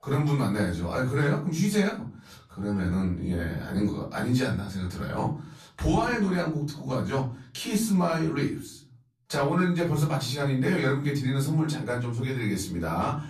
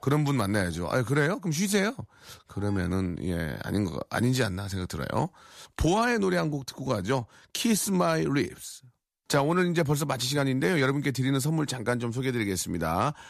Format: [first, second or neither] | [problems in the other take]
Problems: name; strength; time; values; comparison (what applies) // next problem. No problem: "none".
second | off-mic speech; far // room echo; slight; dies away in 0.4 s